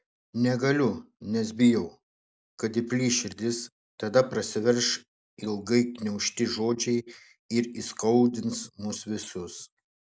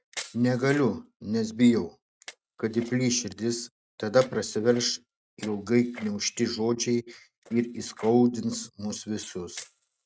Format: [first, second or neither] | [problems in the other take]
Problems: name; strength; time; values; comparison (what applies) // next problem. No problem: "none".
first | noise reduction (neural mask model RNNoise)